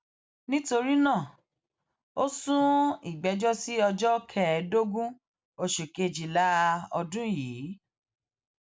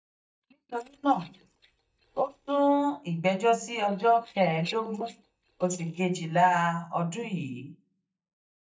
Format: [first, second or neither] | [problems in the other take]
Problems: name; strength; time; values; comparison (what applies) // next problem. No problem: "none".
first | noise reduction (neural mask model DeepFilterNet 3)